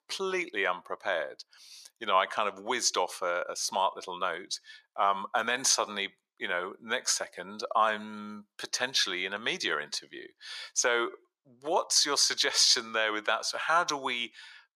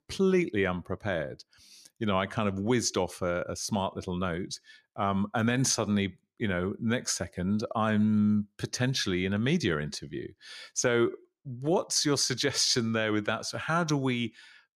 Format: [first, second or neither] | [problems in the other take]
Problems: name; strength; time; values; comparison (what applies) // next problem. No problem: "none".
second | thin; very; fading below 700 Hz